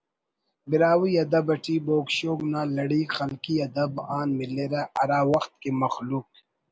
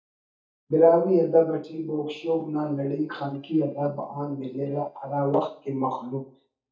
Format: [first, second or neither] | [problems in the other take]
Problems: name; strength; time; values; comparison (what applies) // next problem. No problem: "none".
first | noise reduction (neural mask model DeepFilterNet 3)